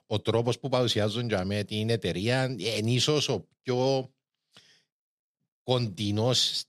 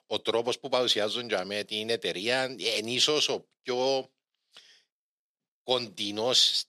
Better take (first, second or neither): first